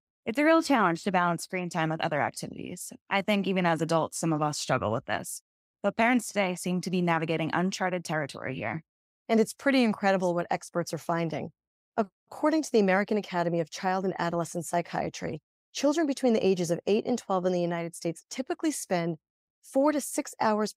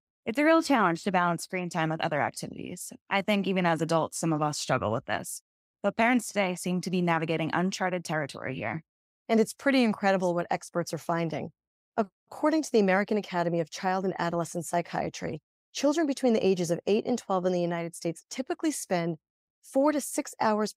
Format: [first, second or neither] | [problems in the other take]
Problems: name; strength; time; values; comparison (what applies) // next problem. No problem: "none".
neither | none